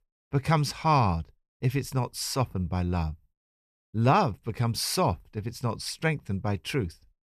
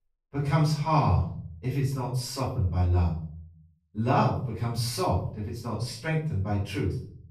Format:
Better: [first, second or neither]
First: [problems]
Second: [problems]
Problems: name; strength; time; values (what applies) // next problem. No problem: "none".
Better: first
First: none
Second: room echo; noticeable; dies away in 0.5 s // off-mic speech; far